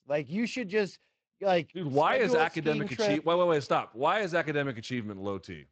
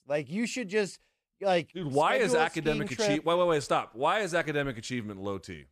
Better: second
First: garbled, watery; slightly; nothing above 7.5 kHz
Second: none

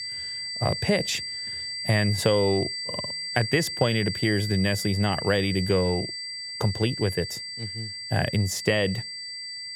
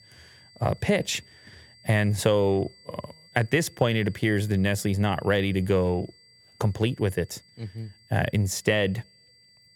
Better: second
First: high-pitched whine; loud; throughout; 4.5 kHz, 5 dB below the speech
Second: high-pitched whine; faint; throughout; 4.5 kHz, 25 dB below the speech

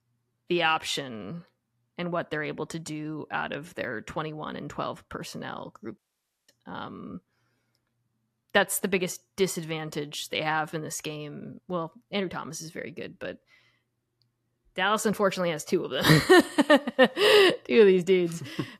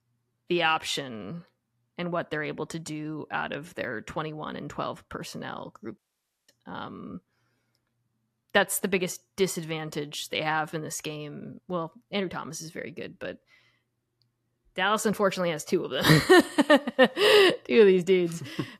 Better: neither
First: audio cutting out; at 6 s for 0.5 s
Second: audio cutting out; at 6 s for 0.5 s

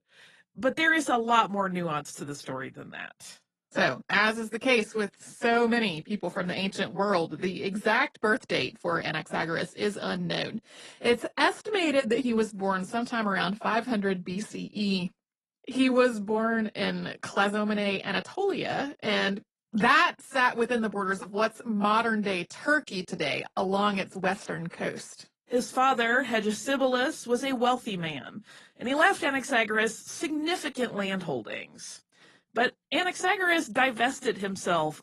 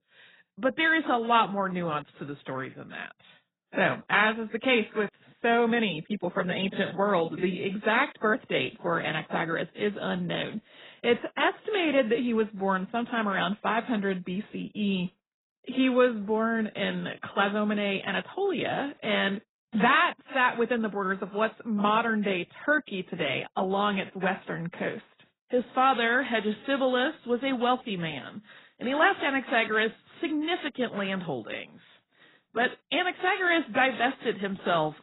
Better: first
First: garbled, watery; slightly; nothing above 11.5 kHz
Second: garbled, watery; badly; nothing above 4 kHz

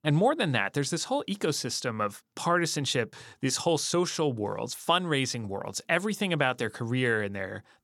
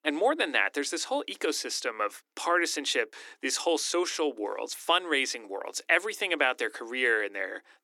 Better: first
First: none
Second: thin; somewhat; fading below 300 Hz

